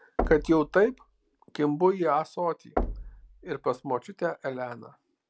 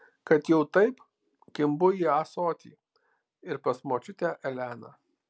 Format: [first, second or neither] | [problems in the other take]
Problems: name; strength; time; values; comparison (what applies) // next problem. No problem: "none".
second | background sound (Knock); 9 dB below the speech